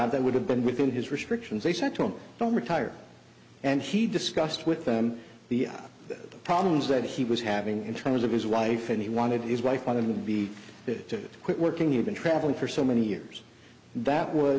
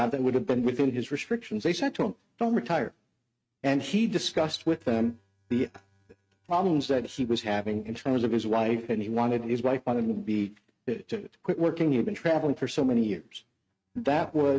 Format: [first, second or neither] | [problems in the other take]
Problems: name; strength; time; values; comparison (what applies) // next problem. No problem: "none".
first | noise reduction (neural mask model RNNoise)